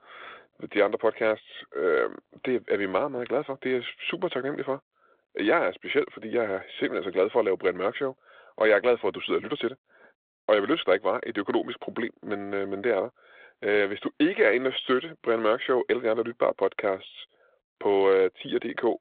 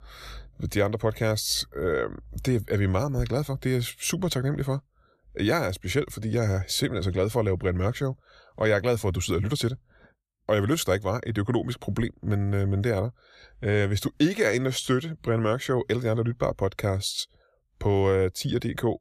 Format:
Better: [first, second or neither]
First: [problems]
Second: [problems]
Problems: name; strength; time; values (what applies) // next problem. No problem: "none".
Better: second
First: phone-call audio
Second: none